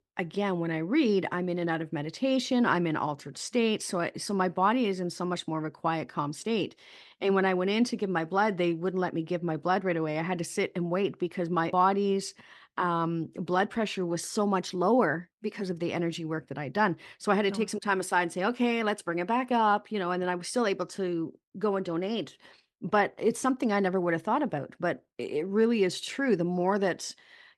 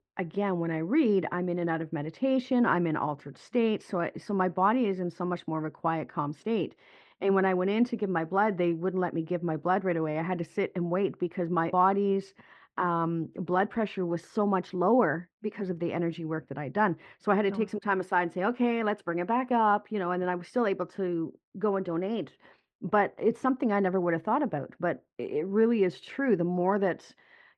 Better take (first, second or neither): first